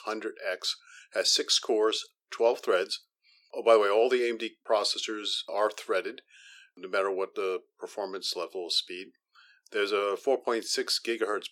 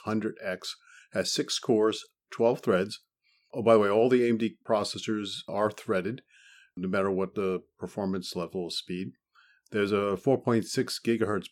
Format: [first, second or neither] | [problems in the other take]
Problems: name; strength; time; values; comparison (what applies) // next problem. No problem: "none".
second | thin; very; fading below 400 Hz